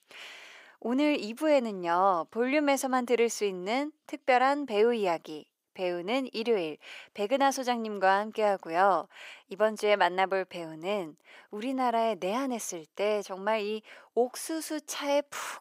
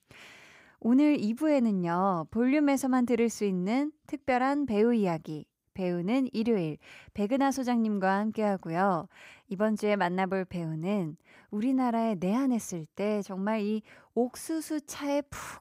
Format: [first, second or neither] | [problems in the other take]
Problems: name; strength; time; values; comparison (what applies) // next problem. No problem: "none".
second | thin; somewhat; fading below 500 Hz